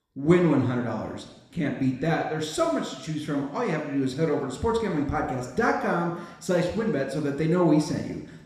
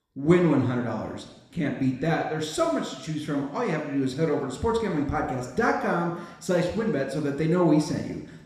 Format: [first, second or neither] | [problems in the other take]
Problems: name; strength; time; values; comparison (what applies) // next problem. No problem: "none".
neither | room echo; noticeable; dies away in 1 s; the same in both